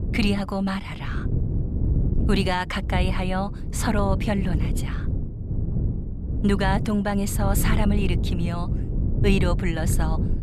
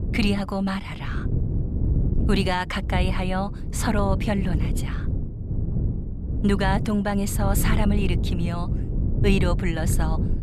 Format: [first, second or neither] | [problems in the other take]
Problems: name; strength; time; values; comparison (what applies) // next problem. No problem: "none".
neither | wind noise on the microphone; heavy; 10 dB below the speech; the same in both